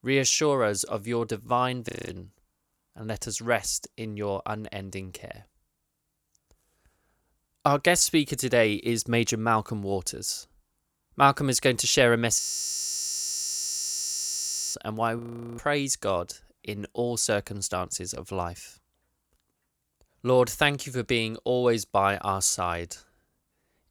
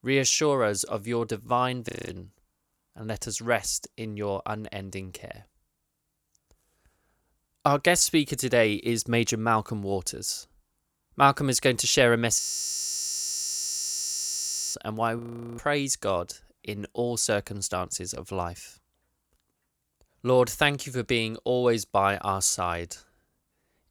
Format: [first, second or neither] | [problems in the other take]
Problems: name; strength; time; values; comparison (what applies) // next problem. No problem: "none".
neither | audio freezing; at 2 s, at 12 s for 2.5 s and at 15 s; the same in both